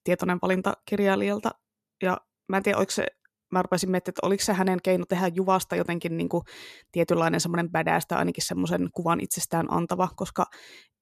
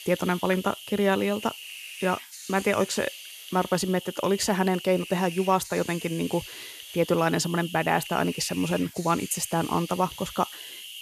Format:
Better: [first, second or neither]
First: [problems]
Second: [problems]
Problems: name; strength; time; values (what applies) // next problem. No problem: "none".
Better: first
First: none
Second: hiss; noticeable; throughout; 10 dB below the speech